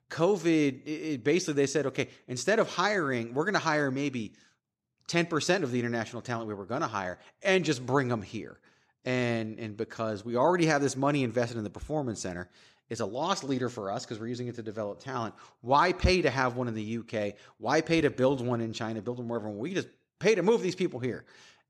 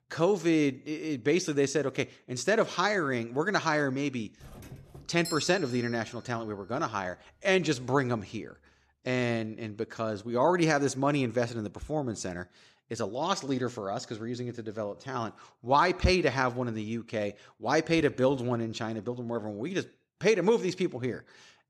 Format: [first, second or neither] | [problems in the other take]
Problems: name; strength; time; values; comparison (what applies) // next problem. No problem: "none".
first | doorbell; noticeable; from 4.5 to 6 s; peak 8 dB below the speech